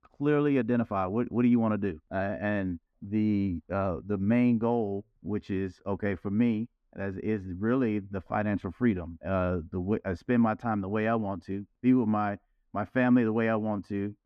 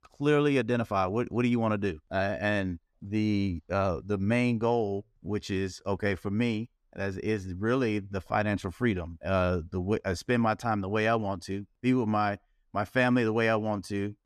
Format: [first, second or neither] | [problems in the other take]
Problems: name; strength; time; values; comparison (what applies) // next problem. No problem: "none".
second | muffled; slightly; fading above 3.5 kHz